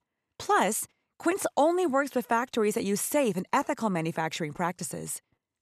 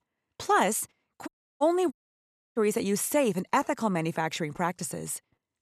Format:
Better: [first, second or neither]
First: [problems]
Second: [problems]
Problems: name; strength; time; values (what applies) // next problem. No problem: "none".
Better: first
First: none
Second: audio cutting out; at 1.5 s and at 2 s for 0.5 s